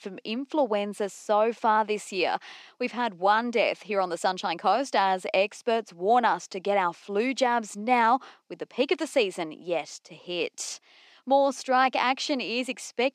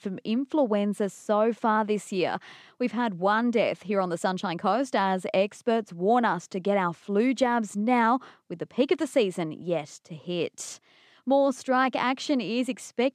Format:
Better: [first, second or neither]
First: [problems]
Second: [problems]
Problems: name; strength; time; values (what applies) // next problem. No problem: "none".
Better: second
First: thin; very slightly; fading below 300 Hz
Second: none